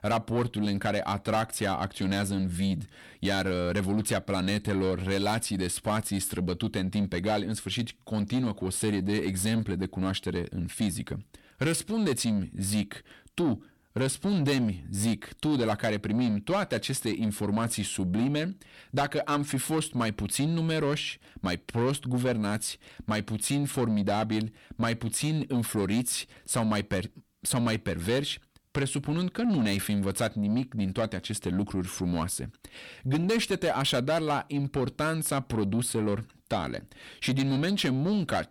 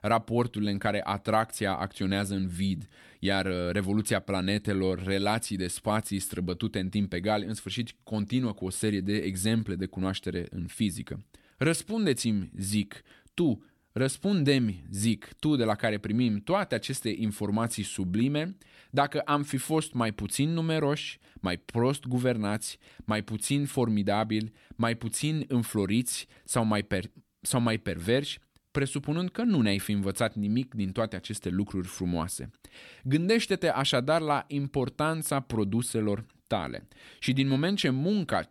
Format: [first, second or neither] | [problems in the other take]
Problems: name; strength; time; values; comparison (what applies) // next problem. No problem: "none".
second | distortion; slight; 10 dB below the speech